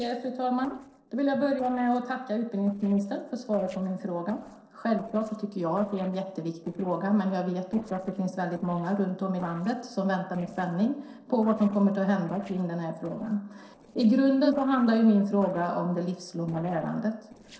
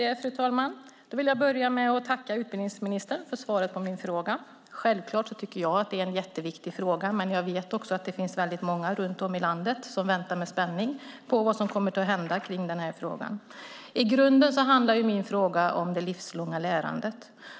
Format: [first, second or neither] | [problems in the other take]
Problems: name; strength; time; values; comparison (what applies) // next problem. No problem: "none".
second | noise reduction (neural separator model SepFormer DNS4)